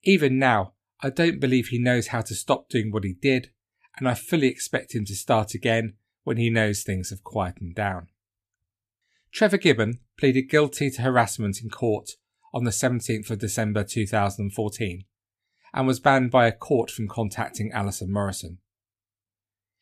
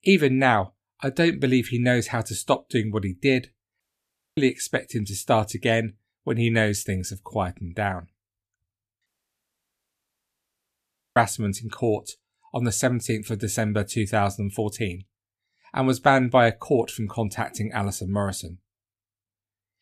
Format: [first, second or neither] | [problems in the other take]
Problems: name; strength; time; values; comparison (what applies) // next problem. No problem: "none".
first | audio cutting out; at 4 s for 0.5 s and at 9 s for 2 s